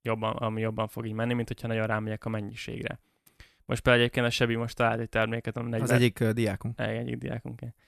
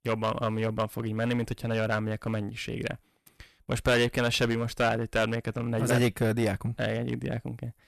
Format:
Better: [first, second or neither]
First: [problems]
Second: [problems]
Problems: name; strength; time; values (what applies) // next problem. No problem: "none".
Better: first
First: none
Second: distortion; heavy; 6% of the sound clipped